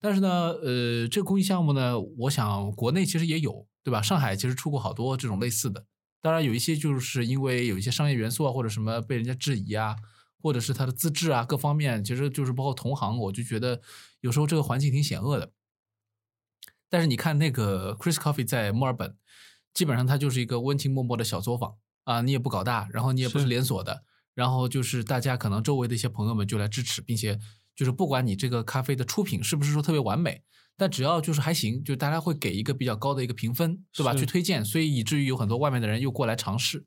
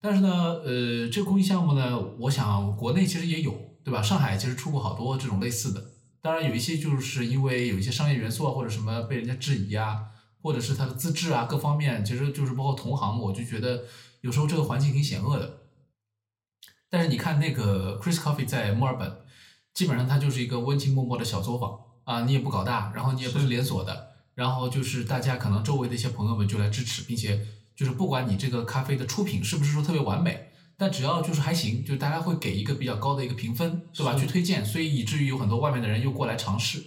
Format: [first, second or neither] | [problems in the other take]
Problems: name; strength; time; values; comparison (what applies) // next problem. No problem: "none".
first | room echo; very slight; dies away in 0.4 s